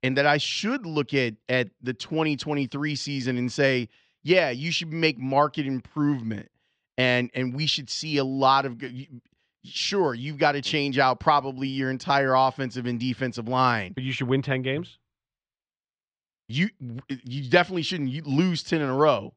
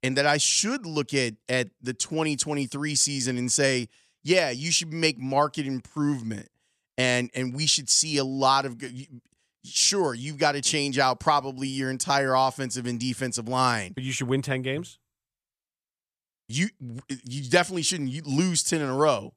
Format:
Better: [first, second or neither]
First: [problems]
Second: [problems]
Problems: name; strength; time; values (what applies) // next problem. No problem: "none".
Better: second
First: muffled; slightly; fading above 4 kHz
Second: none